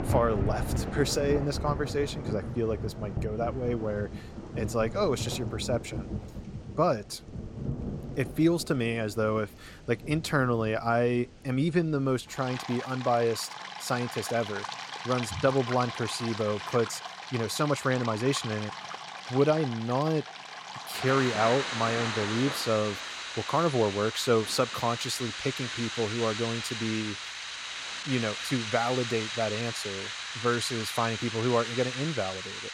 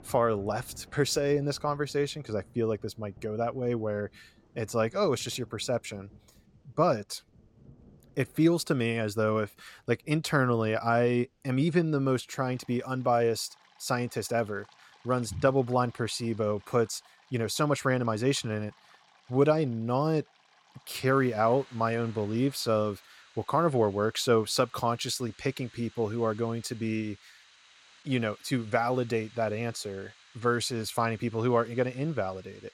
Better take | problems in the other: second | rain or running water; loud; throughout; 6 dB below the speech; faint in the second

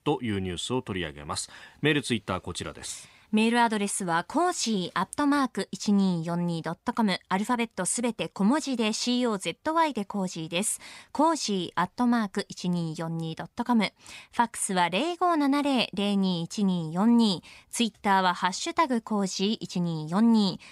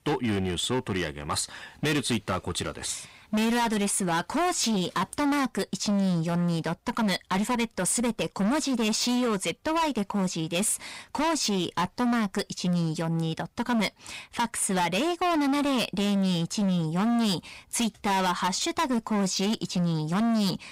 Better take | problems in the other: first | distortion; heavy; 24% of the sound clipped

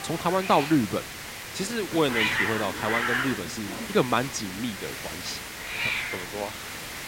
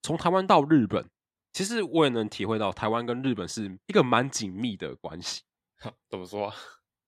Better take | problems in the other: second | hiss; loud; throughout; 2 dB below the speech

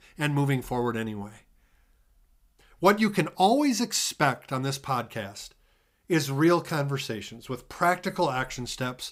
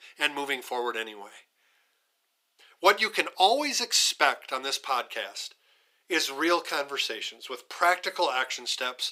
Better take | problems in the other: first | thin; very; fading below 400 Hz

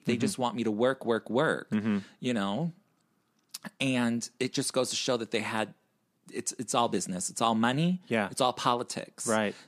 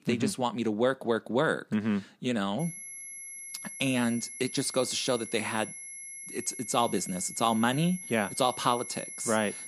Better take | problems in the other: first | high-pitched whine; noticeable; from 2.5 s on; 11 kHz, 10 dB below the speech

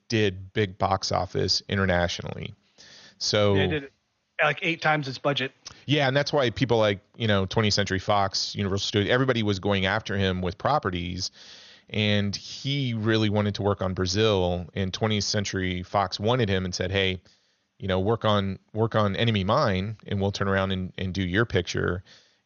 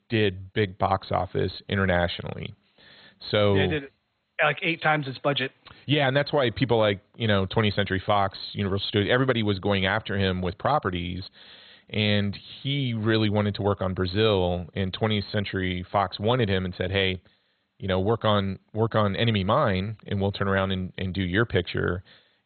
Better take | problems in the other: first | garbled, watery; badly; nothing above 4 kHz; slightly in the first

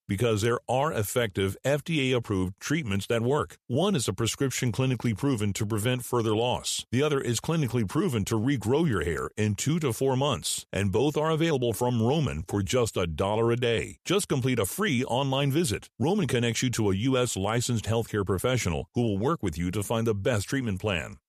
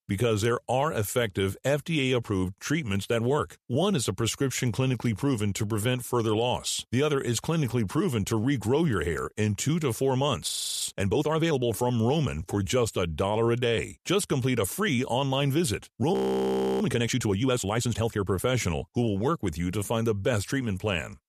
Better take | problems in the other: first | audio freezing; at 10 s and at 16 s for 0.5 s

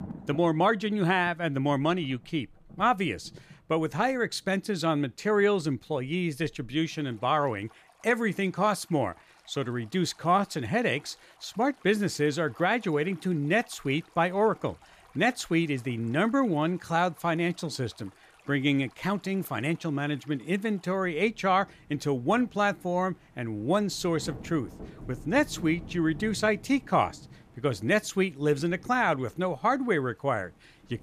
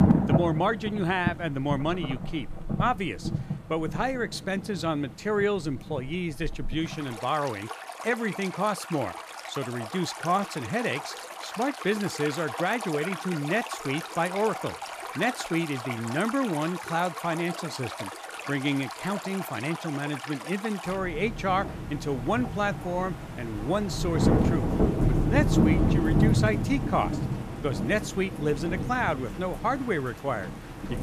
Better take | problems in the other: first | rain or running water; loud; throughout; 2 dB below the speech; faint in the first

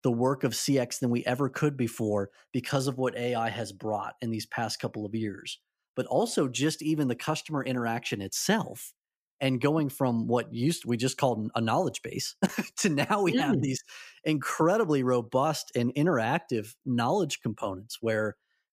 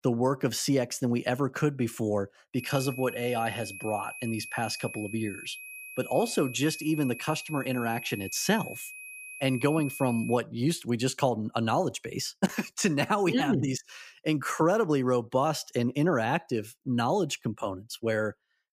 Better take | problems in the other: first | high-pitched whine; noticeable; from 2.5 to 10 s; 2.5 kHz, 10 dB below the speech

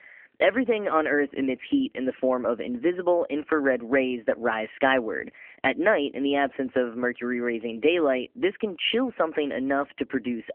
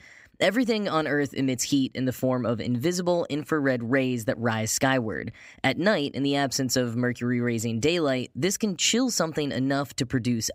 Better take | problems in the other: second | phone-call audio; nothing above 3 kHz

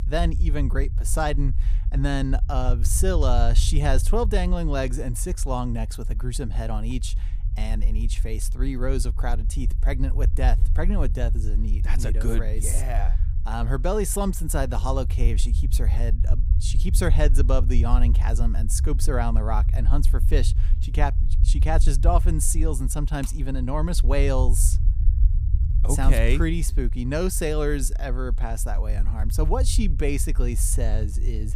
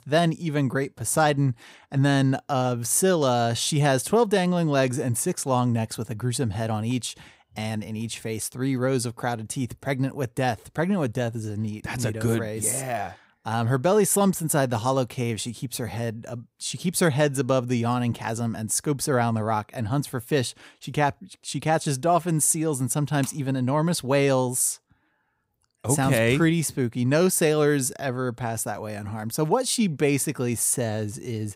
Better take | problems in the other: second | low rumble; noticeable; throughout; 15 dB below the speech

